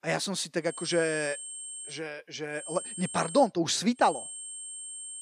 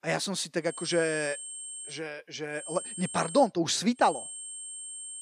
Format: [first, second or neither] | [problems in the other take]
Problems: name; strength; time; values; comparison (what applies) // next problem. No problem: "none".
neither | high-pitched whine; loud; from 0.5 to 2 s, at 2.5 s and from 4 s on; 8.5 kHz, 9 dB below the speech; the same in both